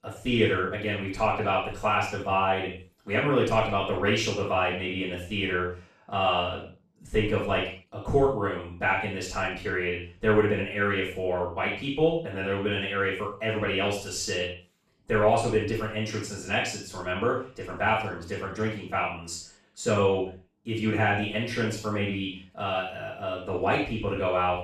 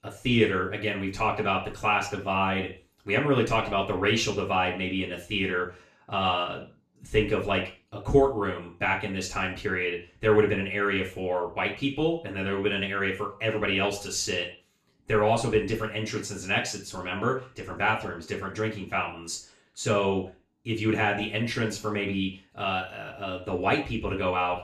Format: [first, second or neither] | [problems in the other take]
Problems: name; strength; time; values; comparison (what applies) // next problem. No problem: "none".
second | room echo; strong; dies away in 0.4 s; slight in the second // off-mic speech; far; far in the second